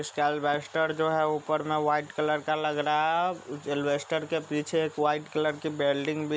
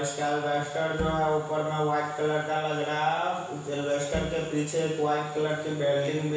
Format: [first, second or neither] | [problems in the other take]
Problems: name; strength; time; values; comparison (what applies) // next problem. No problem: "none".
first | background sound (Bowed string instrument); 11 dB below the speech // room echo; dies away in 1.1 s